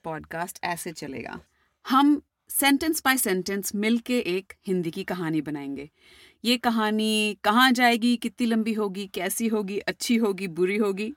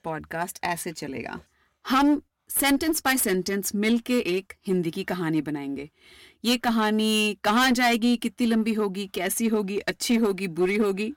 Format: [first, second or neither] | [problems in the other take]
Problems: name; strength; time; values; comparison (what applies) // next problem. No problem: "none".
first | distortion; slight; 7% of the sound clipped